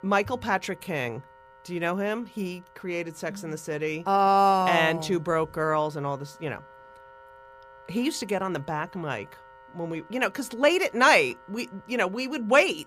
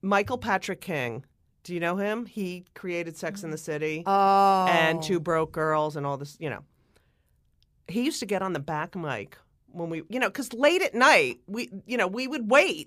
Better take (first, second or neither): second